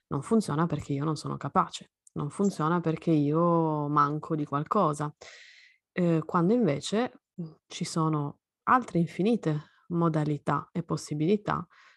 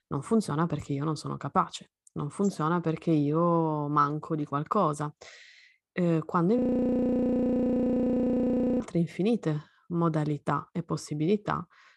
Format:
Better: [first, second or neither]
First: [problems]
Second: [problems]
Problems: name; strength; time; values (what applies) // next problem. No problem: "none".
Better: first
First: none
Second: audio freezing; at 6.5 s for 2 s